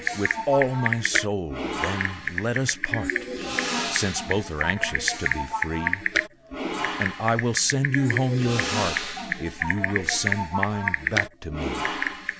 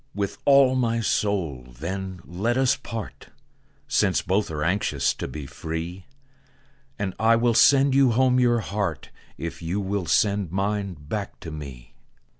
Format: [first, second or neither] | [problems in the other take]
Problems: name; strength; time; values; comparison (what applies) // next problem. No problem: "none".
second | background sound (Typing); as loud as the speech